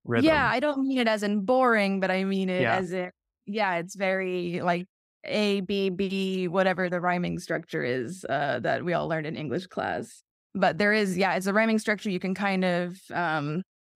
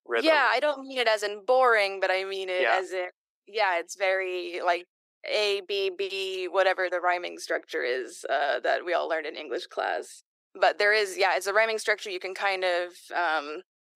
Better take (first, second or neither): first